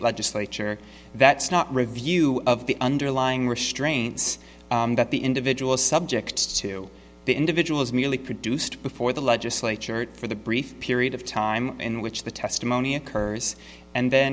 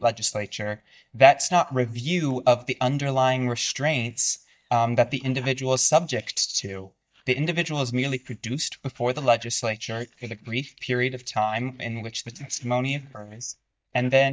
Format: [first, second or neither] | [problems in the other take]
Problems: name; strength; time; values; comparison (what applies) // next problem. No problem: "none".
first | noise reduction (neural mask model DeepFilterNet 3)